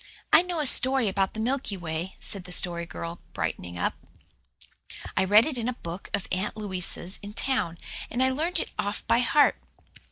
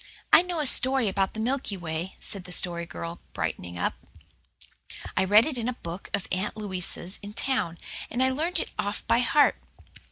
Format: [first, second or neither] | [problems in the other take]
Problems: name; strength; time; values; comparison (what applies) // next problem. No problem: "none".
second | noise reduction (neural separator model SepFormer DNS4)